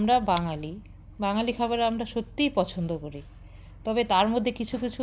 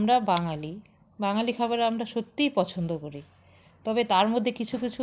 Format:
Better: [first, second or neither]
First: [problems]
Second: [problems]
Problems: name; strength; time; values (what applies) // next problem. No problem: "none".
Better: second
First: background sound (Engine starting / Car); 18 dB below the speech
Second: none